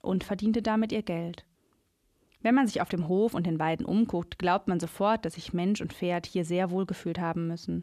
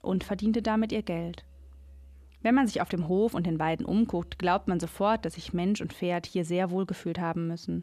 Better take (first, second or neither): first